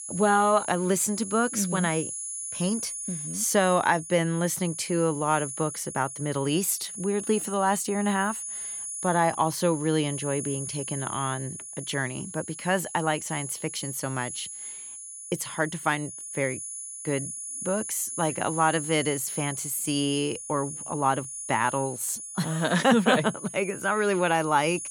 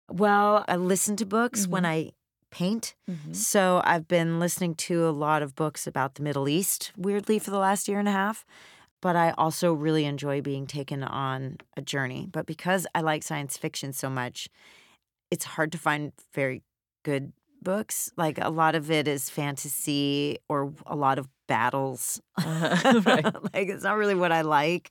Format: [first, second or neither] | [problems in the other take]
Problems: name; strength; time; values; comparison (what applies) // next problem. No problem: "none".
second | high-pitched whine; loud; throughout; 10 kHz, 8 dB below the speech